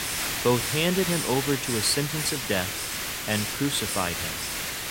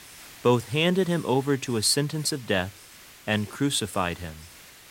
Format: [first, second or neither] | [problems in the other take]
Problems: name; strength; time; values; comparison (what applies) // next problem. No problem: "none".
second | hiss; loud; throughout; 1 dB below the speech; faint in the second